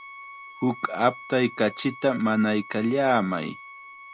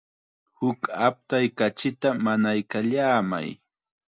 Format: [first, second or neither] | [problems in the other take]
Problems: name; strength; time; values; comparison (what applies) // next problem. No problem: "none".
second | background sound (Bowed string instrument); 17 dB below the speech